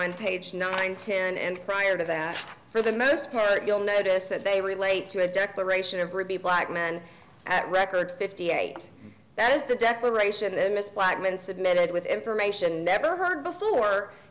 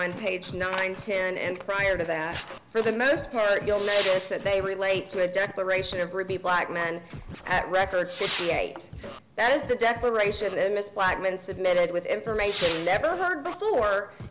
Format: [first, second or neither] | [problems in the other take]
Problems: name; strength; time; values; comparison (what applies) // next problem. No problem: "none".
first | background sound (Whoosh, swoosh, swish / Fireworks + Scratching (performance technique)); 14 dB below the speech